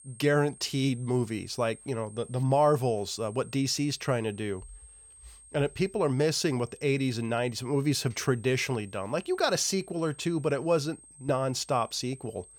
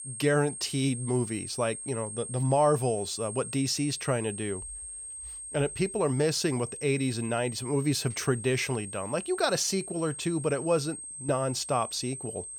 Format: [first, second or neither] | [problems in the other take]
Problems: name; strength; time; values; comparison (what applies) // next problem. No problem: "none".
first | high-pitched whine; loud; throughout; 8.5 kHz, 9 dB below the speech; faint in the first